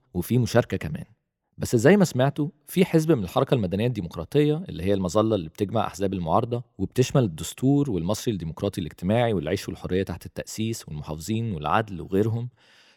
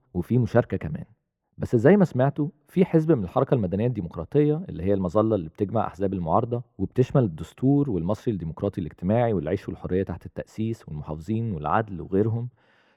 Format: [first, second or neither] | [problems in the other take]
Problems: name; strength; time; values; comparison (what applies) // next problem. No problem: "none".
first | muffled; very; fading above 2.5 kHz